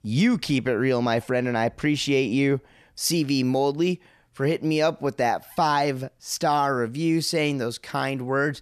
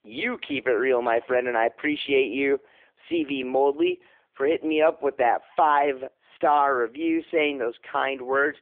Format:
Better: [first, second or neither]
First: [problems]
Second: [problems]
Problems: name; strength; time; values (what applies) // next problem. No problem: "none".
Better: first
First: none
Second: phone-call audio; poor line; nothing above 3.5 kHz